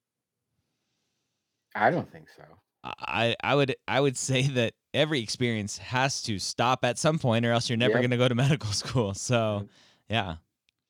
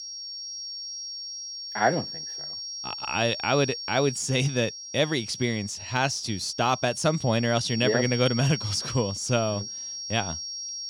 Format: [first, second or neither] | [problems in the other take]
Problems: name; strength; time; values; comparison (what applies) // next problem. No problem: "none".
first | high-pitched whine; loud; throughout; 5.5 kHz, 8 dB below the speech